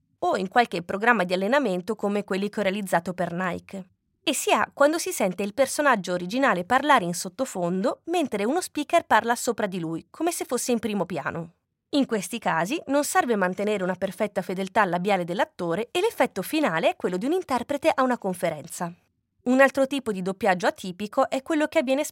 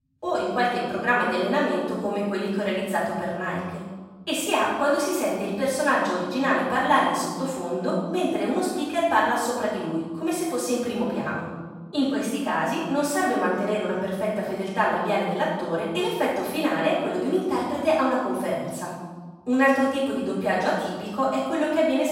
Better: first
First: none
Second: room echo; strong; dies away in 1.2 s // off-mic speech; far

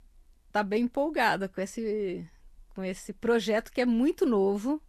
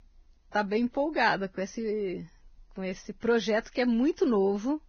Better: first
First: garbled, watery; slightly; nothing above 12.5 kHz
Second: garbled, watery; badly; nothing above 6.5 kHz

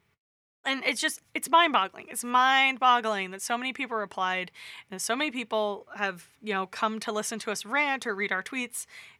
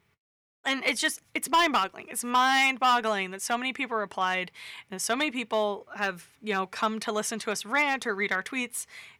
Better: first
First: none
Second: distortion; slight; 2% of the sound clipped

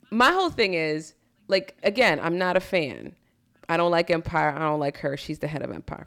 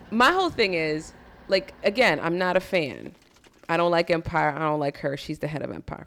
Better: first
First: none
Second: traffic noise; faint; throughout; 25 dB below the speech

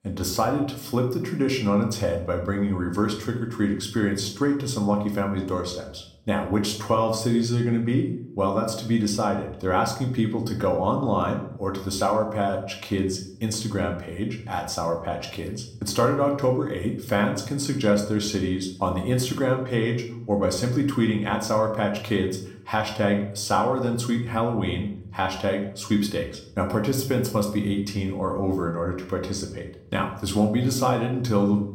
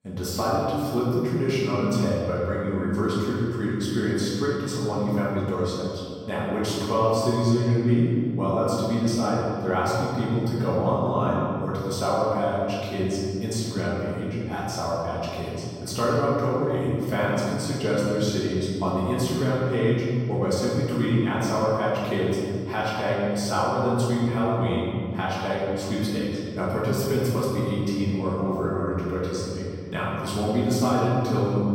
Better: first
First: room echo; slight; dies away in 0.5 s // off-mic speech; somewhat distant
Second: room echo; strong; dies away in 2.2 s // off-mic speech; far

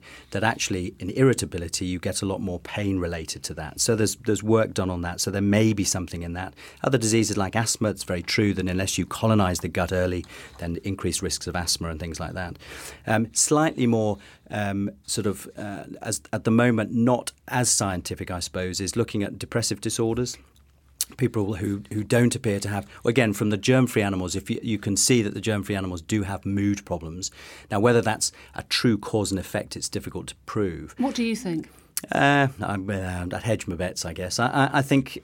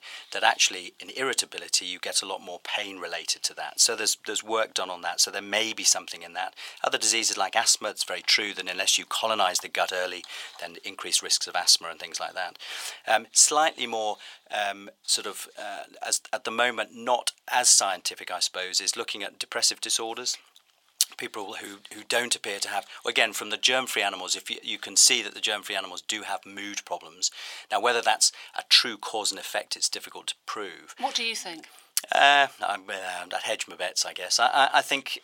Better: first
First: none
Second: thin; very; fading below 800 Hz

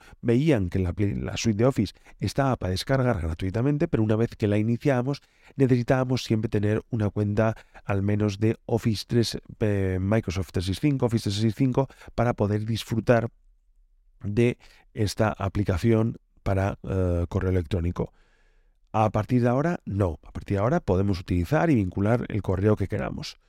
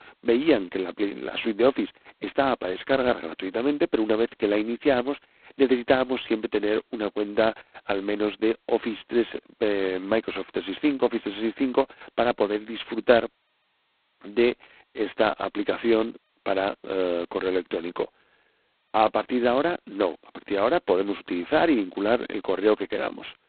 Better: first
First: none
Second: phone-call audio; poor line; nothing above 4 kHz

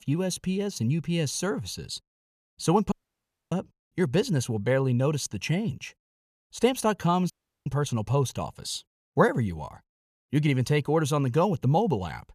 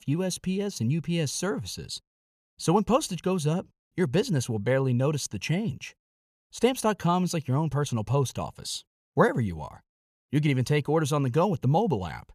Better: second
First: audio cutting out; at 3 s for 0.5 s and at 7.5 s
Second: none

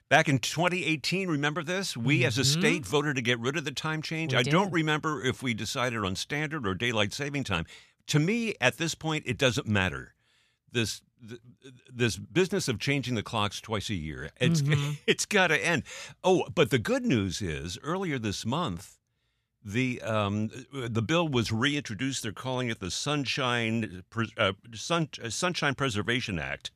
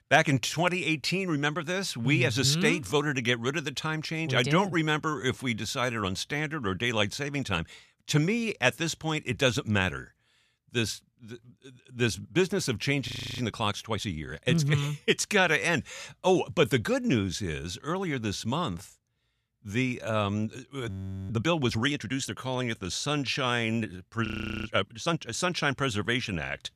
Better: first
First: none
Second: audio freezing; at 13 s, at 21 s and at 24 s

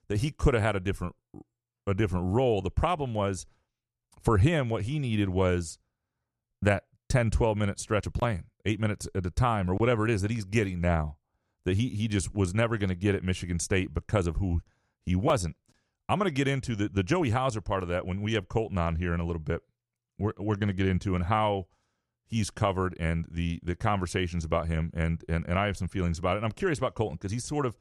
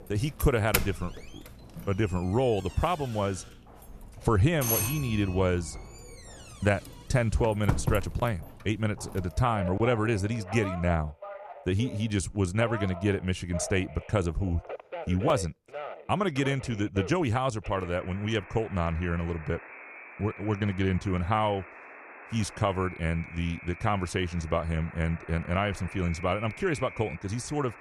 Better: first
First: none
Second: alarms or sirens; noticeable; throughout; 10 dB below the speech

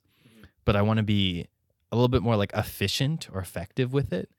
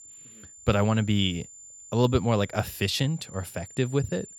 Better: first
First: none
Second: high-pitched whine; noticeable; throughout; 7 kHz, 20 dB below the speech

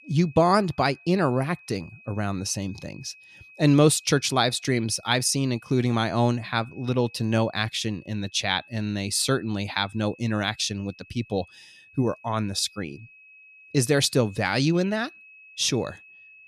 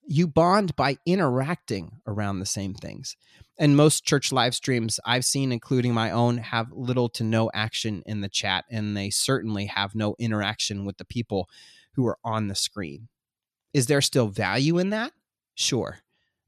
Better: second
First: high-pitched whine; faint; throughout; 2.5 kHz, 25 dB below the speech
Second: none

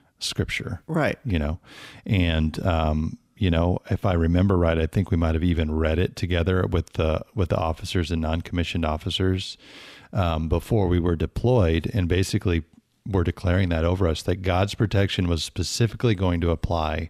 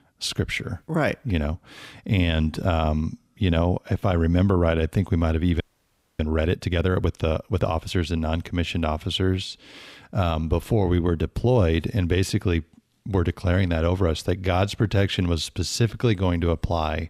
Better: first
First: none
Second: audio freezing; at 5.5 s for 0.5 s

